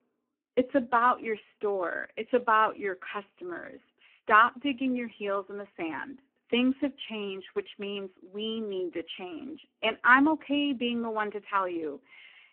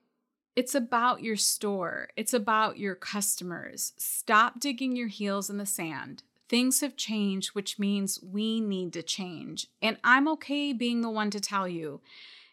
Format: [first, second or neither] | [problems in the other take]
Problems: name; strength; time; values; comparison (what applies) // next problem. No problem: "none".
second | phone-call audio; poor line